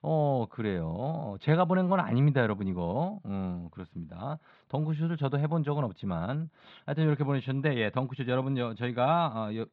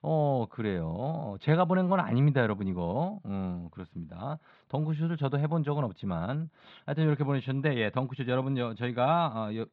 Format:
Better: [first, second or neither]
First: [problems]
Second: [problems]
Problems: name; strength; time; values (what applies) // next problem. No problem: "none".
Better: neither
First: muffled; very slightly; fading above 3.5 kHz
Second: muffled; very slightly; fading above 3.5 kHz